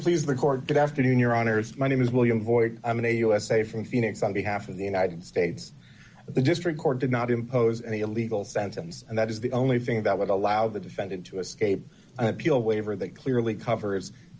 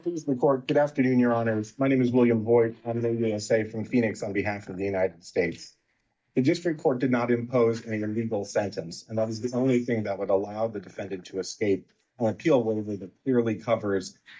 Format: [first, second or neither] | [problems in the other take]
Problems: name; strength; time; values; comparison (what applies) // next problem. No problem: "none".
first | noise reduction (neural mask model DeepFilterNet 3)